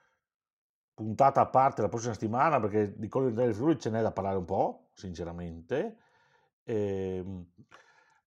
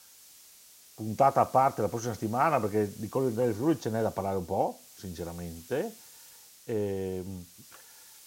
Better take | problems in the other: first | hiss; faint; throughout; 20 dB below the speech

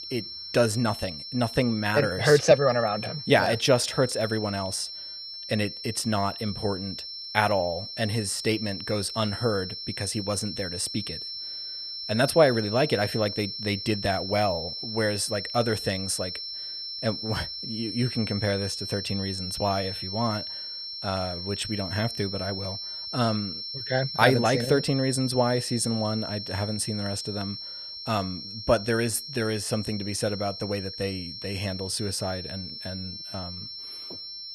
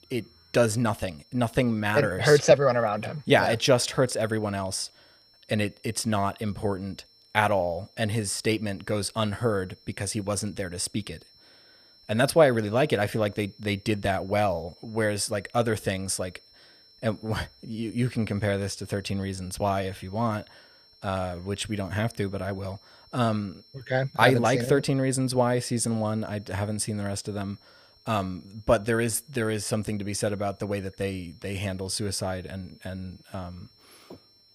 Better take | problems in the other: second | high-pitched whine; loud; throughout; 5.5 kHz, 7 dB below the speech; faint in the second

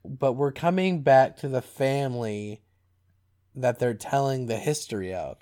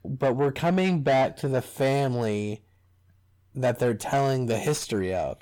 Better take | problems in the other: first | distortion; heavy; 7 dB below the speech

